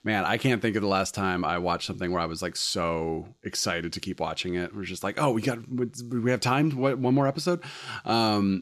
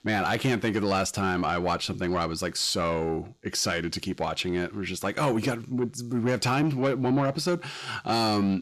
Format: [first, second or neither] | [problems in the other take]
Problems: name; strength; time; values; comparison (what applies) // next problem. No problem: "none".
first | distortion; slight; 10 dB below the speech